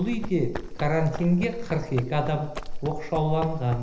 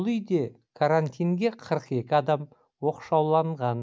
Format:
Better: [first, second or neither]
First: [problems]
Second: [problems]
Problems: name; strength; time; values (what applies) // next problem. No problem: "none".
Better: second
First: background sound (Run); 6 dB below the speech // room echo; dies away in 1.4 s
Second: none